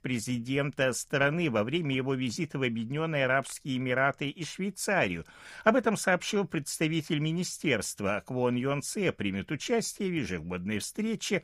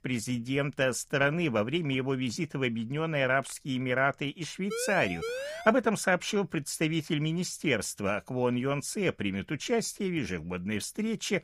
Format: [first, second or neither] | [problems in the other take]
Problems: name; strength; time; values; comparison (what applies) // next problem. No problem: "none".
first | siren; noticeable; from 4.5 to 5.5 s; peak 6 dB below the speech